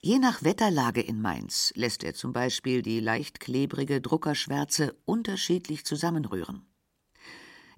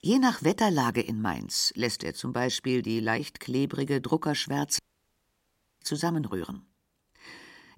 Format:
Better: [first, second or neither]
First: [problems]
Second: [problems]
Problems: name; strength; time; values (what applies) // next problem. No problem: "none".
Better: first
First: none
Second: audio cutting out; at 5 s for 1 s